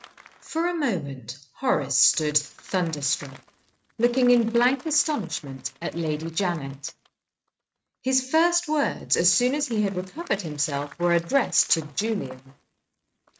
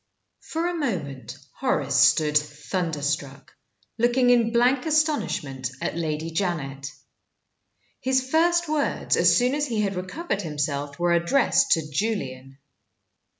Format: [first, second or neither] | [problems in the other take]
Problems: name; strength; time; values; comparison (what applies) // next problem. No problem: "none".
second | noise reduction (neural mask model RNNoise)